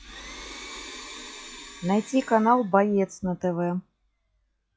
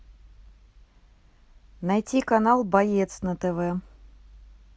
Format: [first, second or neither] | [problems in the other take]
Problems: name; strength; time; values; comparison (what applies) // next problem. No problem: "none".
second | noise reduction (classical method log-MMSE)